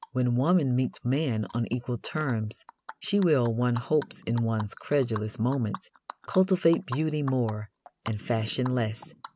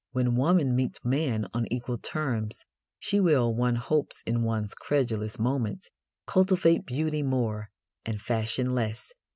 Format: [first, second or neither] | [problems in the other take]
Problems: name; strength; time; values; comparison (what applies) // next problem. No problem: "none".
second | background sound (Animal); 19 dB below the speech